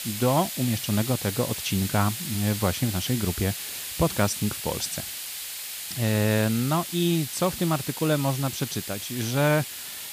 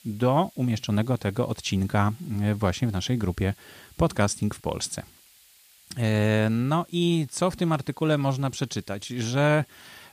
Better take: second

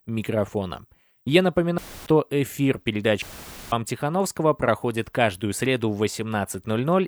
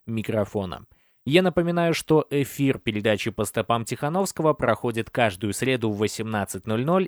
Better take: second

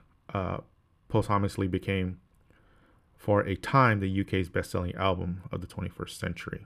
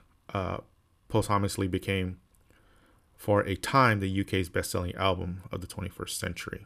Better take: second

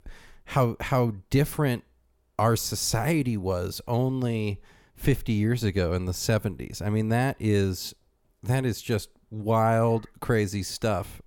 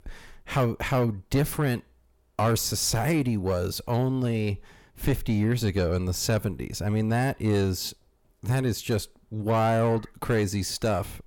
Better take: first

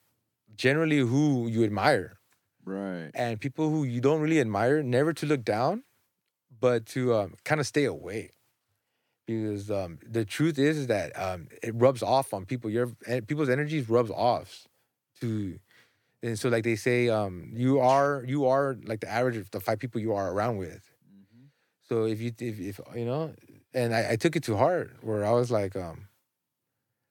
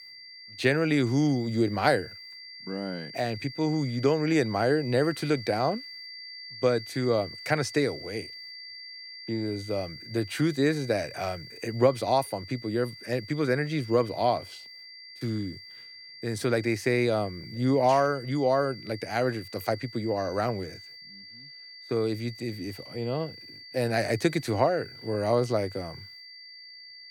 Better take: first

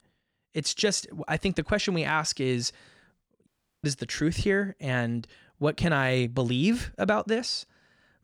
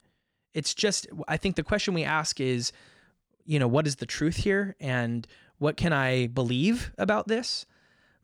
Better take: second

